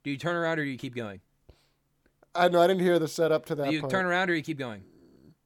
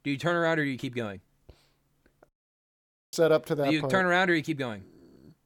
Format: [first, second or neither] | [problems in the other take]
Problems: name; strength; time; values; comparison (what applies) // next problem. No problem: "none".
first | audio cutting out; at 2.5 s for 1 s